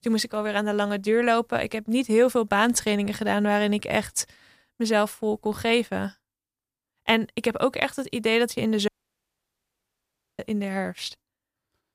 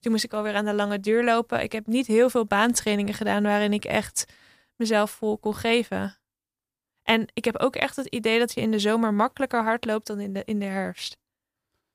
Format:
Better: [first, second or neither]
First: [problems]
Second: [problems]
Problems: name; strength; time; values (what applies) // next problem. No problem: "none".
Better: second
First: audio cutting out; at 9 s for 1.5 s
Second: none